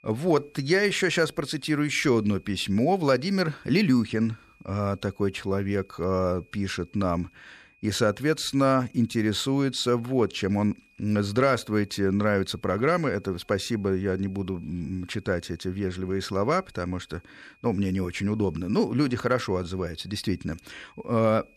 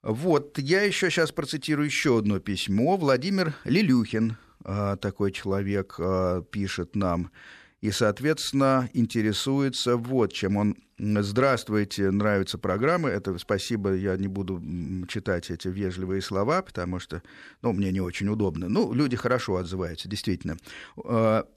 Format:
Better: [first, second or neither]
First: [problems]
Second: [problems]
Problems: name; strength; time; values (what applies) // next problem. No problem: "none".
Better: second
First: high-pitched whine; faint; throughout; 2.5 kHz, 35 dB below the speech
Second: none